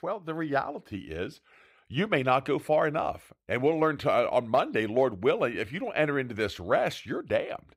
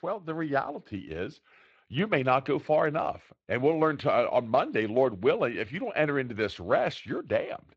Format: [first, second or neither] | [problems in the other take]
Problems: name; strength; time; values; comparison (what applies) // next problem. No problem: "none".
first | garbled, watery; slightly